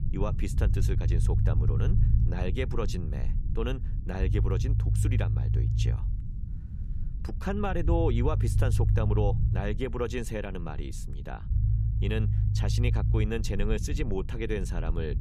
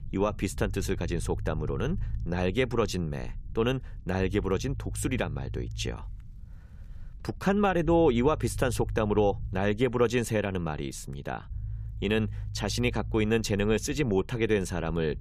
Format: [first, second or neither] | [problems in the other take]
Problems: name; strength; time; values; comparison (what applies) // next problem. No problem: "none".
second | low rumble; loud; throughout; 8 dB below the speech; faint in the second